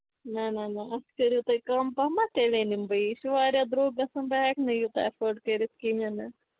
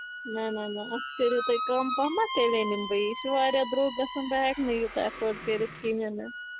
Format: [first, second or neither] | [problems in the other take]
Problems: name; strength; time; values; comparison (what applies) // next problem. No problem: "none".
first | background sound (Squeak); 9 dB below the speech